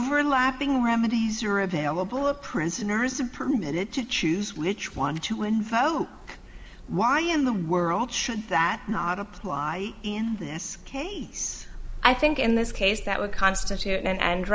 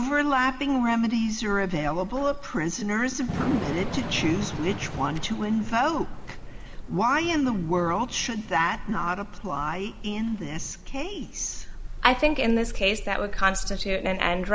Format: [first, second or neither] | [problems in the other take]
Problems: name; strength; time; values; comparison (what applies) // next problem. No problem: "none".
first | background sound (Thunder / Rain); 9 dB below the speech